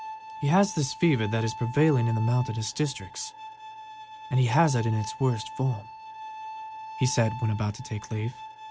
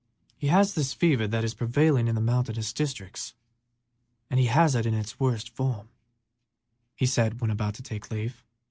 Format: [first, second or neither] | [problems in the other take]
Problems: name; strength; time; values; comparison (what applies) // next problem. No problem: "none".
second | background sound (Bowed string instrument); 13 dB below the speech